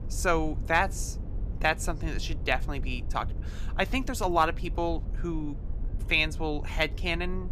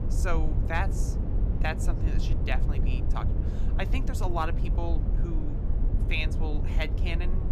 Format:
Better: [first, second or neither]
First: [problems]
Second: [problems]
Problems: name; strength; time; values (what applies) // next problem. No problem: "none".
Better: first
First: low rumble; faint; throughout; 20 dB below the speech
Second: low rumble; loud; throughout; 8 dB below the speech